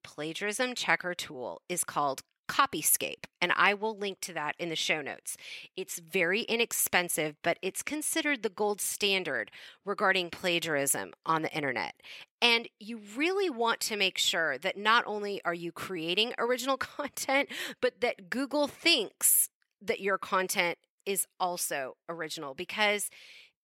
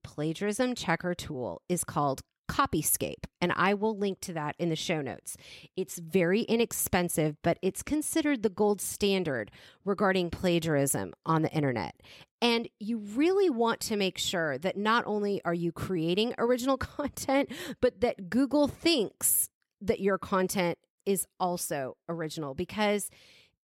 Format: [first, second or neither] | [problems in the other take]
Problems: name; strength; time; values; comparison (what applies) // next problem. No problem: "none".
second | thin; somewhat; fading below 750 Hz